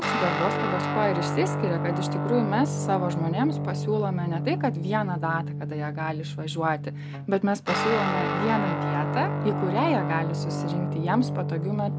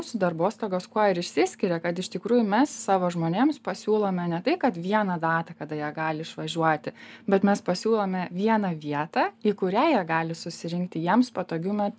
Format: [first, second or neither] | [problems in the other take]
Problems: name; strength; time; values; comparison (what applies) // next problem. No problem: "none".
second | background sound (Guitar); as loud as the speech